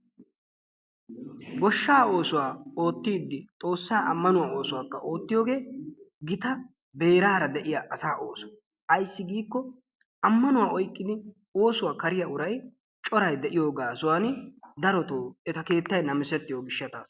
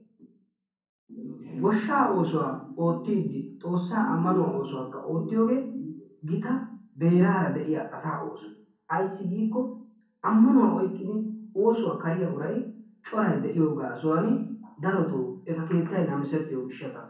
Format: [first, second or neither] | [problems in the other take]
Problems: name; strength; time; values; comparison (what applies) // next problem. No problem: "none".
first | room echo; dies away in 0.6 s